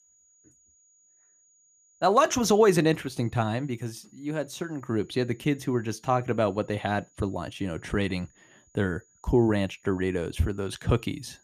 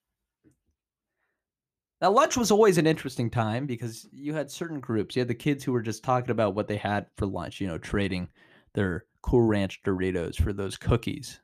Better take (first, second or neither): second